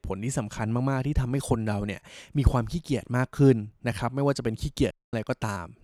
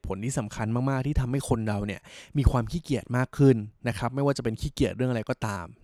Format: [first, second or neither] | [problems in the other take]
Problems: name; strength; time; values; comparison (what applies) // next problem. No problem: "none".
second | audio cutting out; at 5 s